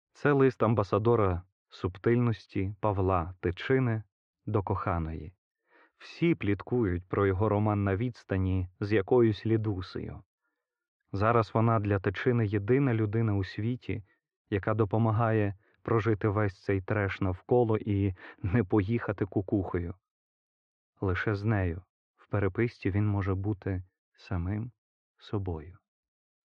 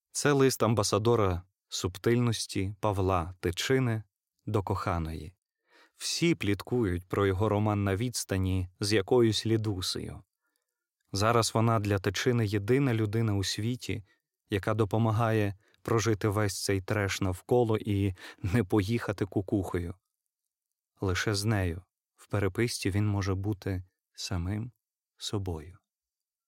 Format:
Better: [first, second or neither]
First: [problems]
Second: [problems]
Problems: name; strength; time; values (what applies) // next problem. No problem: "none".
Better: second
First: muffled; very; fading above 2.5 kHz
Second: none